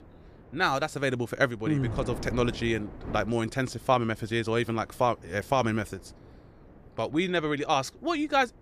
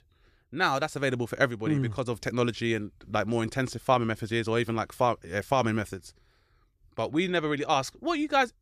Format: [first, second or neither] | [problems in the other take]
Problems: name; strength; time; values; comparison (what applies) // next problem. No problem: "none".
second | wind noise on the microphone; occasional gusts; 20 dB below the speech